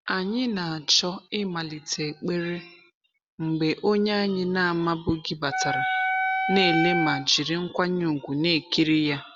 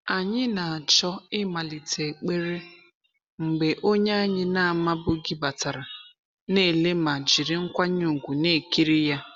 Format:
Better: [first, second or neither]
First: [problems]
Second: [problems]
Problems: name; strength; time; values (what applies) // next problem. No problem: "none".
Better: second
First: background sound (Wind instrument, woodwind instrument); 1 dB below the speech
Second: none